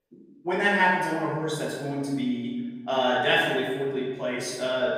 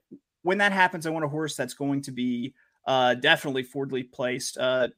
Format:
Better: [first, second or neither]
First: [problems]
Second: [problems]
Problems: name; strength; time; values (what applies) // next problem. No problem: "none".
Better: second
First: room echo; noticeable; dies away in 1.2 s // off-mic speech; far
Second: none